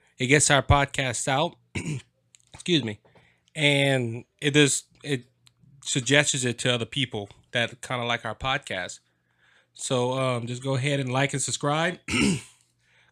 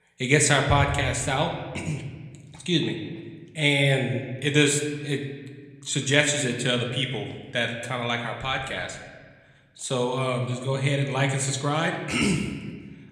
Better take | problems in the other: first | room echo; slight; dies away in 1.3 s

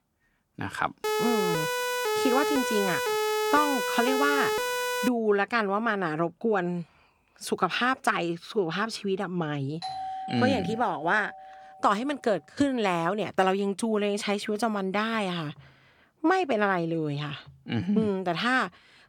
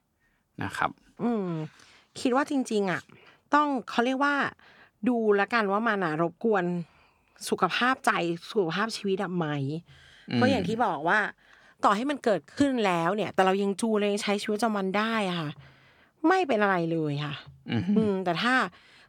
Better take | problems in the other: second | siren; loud; from 1 to 5 s; peak 1 dB above the speech // doorbell; noticeable; from 10 to 12 s; peak 7 dB below the speech

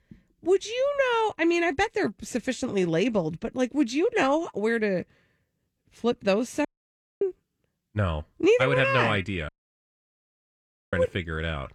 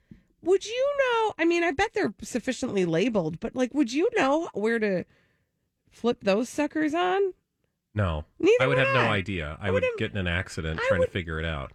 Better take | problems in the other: second | audio cutting out; at 6.5 s for 0.5 s and at 9.5 s for 1.5 s

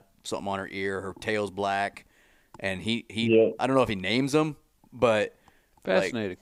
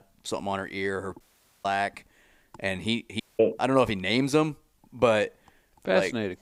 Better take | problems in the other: first | audio cutting out; at 1 s and at 3 s

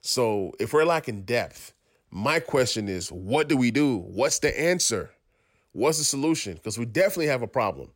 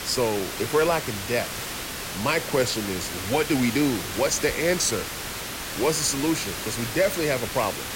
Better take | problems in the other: first | hiss; loud; throughout; 5 dB below the speech

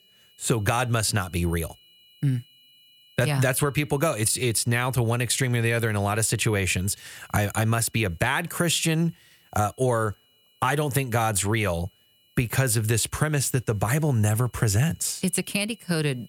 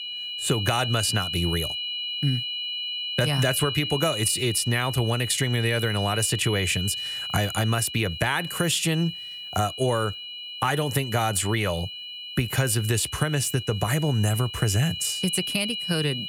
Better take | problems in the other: first | high-pitched whine; loud; throughout; 3 kHz, 5 dB below the speech; faint in the first

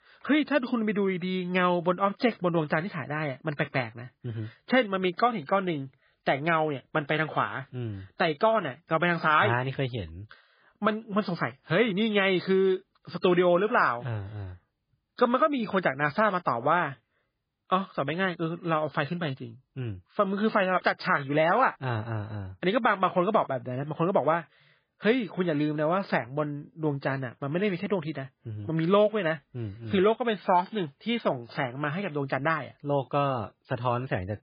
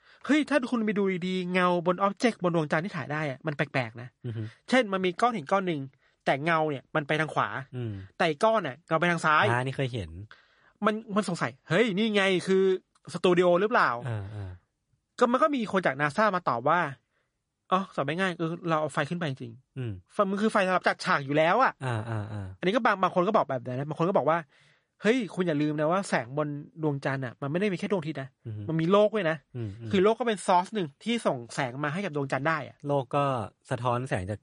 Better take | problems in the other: second | garbled, watery; badly; nothing above 4 kHz; slightly in the second

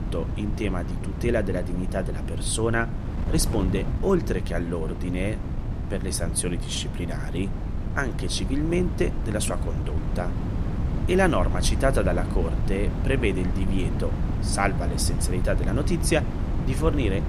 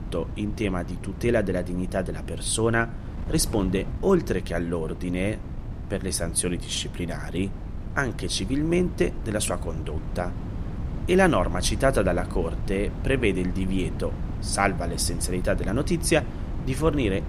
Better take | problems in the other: second | wind noise on the microphone; heavy; 9 dB below the speech; occasional gusts in the second

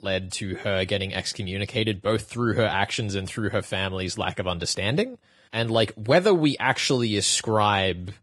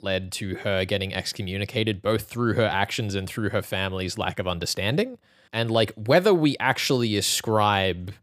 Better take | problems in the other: second | garbled, watery; badly; nothing above 10 kHz

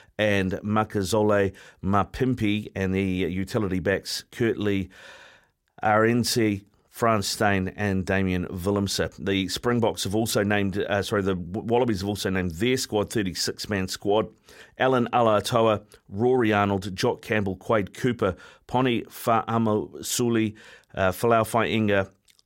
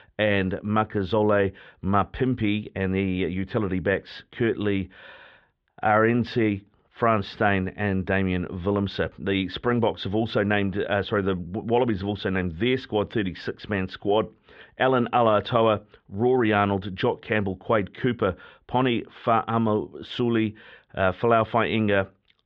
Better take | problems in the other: first | muffled; very; fading above 3.5 kHz

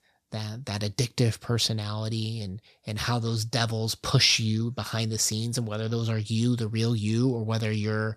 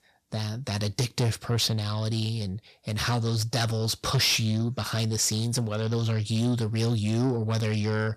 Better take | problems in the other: first | distortion; slight; 10 dB below the speech

